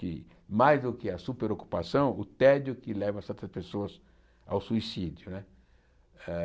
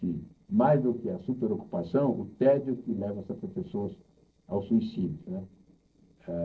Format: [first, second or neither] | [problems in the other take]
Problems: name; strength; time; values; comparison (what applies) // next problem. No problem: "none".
first | noise reduction (neural separator model SepFormer DNS4)